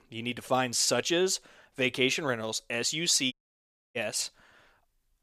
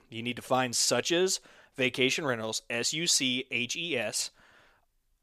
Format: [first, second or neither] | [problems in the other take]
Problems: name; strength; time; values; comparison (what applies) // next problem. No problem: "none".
second | audio cutting out; at 3.5 s for 0.5 s